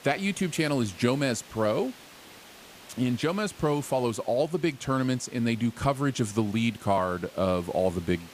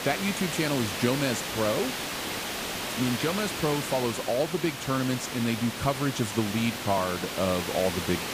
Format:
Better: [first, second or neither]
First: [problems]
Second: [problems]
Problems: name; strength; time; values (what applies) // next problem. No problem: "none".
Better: first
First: hiss; faint; throughout; 20 dB below the speech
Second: hiss; loud; throughout; 3 dB below the speech